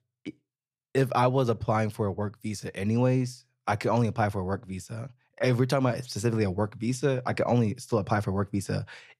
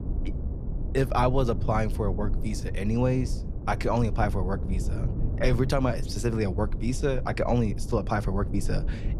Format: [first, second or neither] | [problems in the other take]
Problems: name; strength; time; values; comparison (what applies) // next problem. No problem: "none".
first | low rumble; noticeable; throughout; 15 dB below the speech